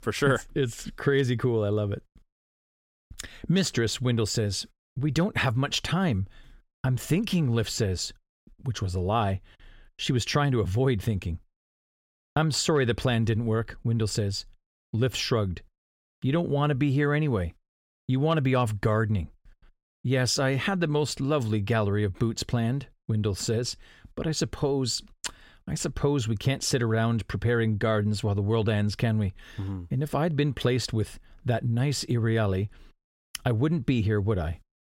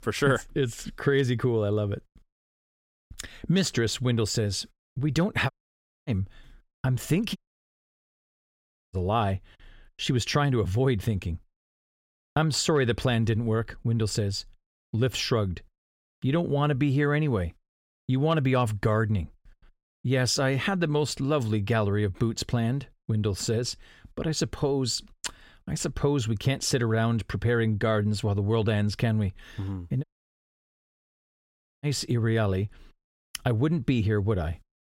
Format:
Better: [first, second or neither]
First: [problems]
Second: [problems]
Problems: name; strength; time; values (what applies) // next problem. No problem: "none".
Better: first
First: none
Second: audio cutting out; at 5.5 s for 0.5 s, at 7.5 s for 1.5 s and at 30 s for 2 s